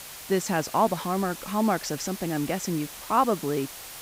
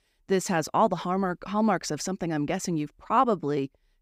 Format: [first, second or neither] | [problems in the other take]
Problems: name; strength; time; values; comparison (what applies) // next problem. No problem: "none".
second | hiss; noticeable; throughout; 10 dB below the speech